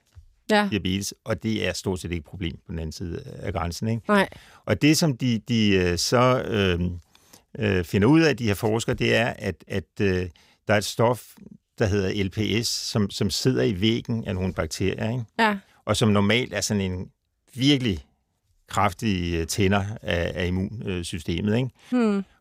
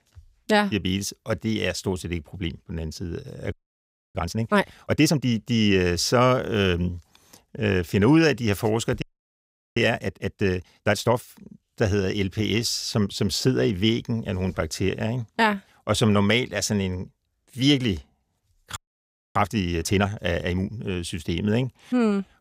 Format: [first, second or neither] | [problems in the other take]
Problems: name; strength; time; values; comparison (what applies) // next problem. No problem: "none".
first | audio freezing; at 3.5 s for 0.5 s, at 9 s for 0.5 s and at 19 s for 0.5 s